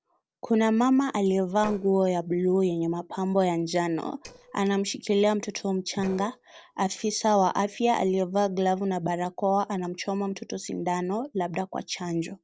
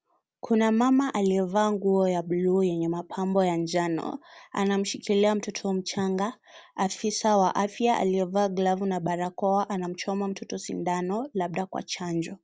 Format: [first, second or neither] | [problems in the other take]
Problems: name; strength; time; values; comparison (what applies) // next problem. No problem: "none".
second | noise reduction (neural separator model SepFormer DNS4)